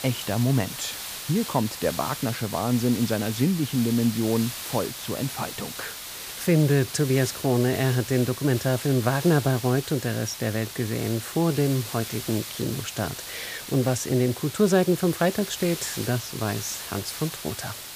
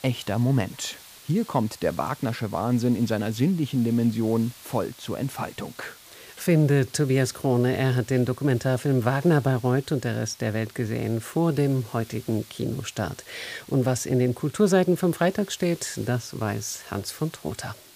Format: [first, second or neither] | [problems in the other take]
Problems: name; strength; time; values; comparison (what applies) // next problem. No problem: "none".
second | hiss; loud; throughout; 9 dB below the speech; faint in the second